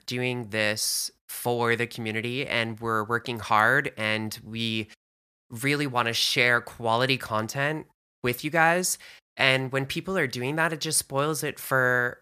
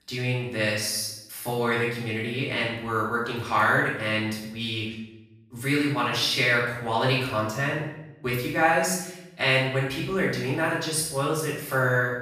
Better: first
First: none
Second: off-mic speech; far // room echo; noticeable; dies away in 0.7 s

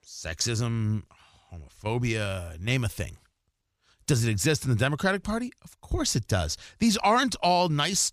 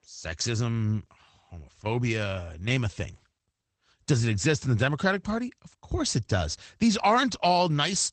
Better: first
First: none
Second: garbled, watery; slightly; nothing above 8.5 kHz

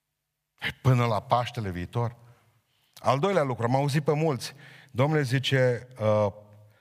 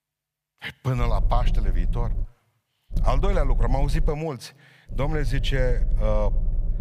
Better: first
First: none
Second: low rumble; noticeable; from 1 to 2 s, from 3 to 4 s and from 5 s on; 15 dB below the speech

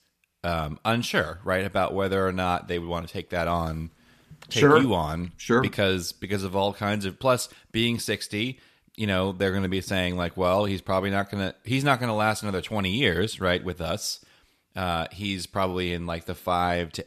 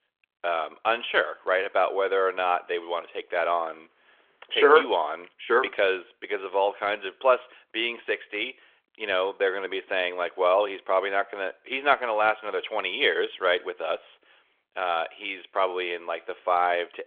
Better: first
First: none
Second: phone-call audio; nothing above 3.5 kHz

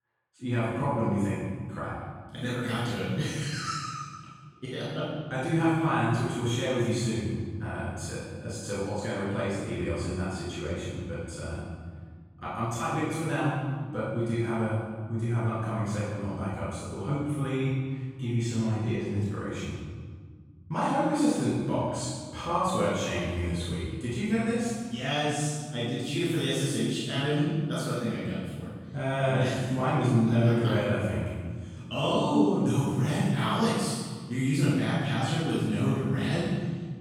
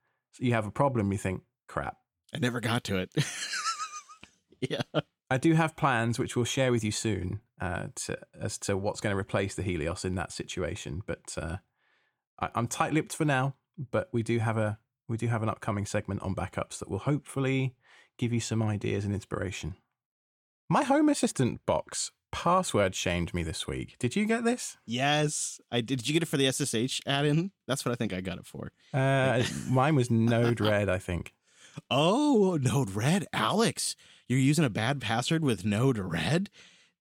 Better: second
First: room echo; strong; dies away in 1.7 s // off-mic speech; far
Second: none

